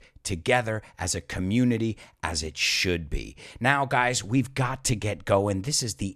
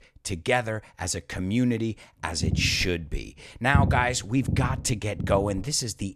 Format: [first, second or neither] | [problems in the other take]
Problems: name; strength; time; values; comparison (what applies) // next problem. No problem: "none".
first | low rumble; noticeable; from 2 s on; 15 dB below the speech